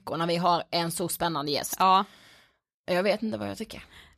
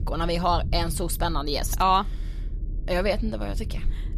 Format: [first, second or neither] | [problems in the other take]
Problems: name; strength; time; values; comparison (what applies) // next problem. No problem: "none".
first | low rumble; faint; throughout; 25 dB below the speech